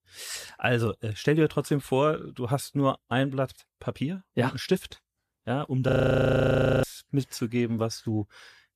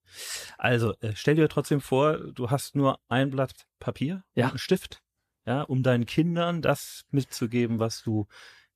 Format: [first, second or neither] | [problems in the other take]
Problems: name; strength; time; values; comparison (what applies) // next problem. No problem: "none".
second | audio freezing; at 6 s for 1 s